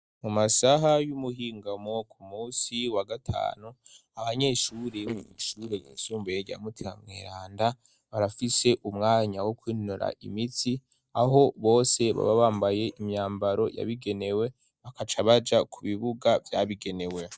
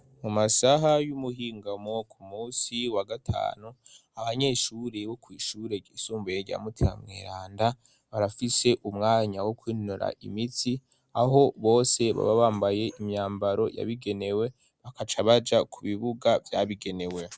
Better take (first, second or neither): second